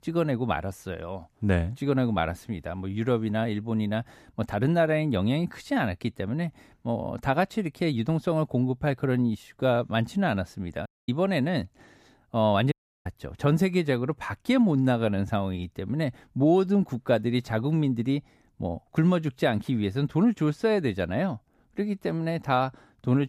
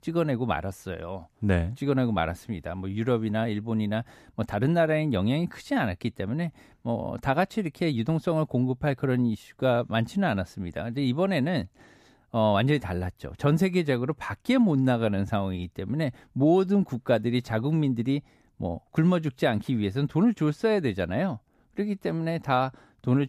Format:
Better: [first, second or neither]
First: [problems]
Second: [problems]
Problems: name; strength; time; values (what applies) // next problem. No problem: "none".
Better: second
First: audio cutting out; at 11 s and at 13 s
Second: none